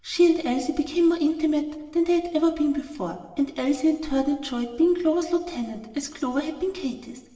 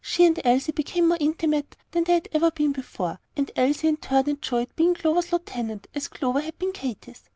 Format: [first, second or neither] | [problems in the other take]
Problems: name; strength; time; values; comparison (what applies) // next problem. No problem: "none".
second | room echo; dies away in 1.1 s